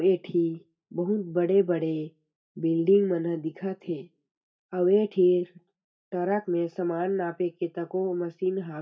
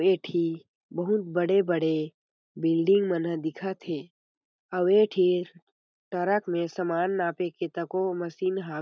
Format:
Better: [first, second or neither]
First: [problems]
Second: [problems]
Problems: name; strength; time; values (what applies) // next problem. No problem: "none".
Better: second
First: room echo; dies away in 0.2 s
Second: none